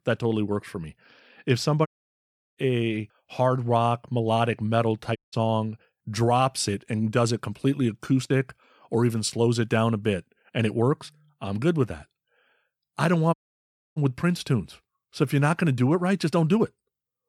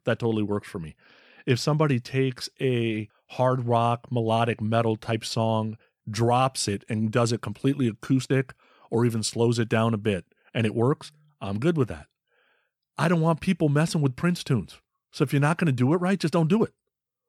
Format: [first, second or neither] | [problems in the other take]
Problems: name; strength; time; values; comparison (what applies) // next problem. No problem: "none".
second | audio cutting out; at 2 s for 0.5 s, at 5 s and at 13 s for 0.5 s